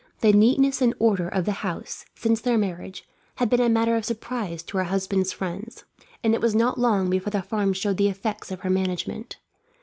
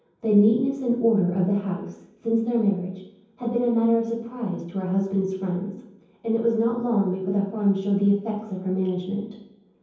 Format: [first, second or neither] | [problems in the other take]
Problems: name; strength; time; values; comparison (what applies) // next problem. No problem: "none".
first | room echo; dies away in 0.9 s